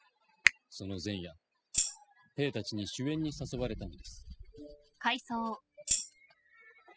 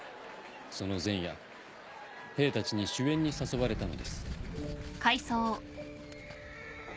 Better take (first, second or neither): second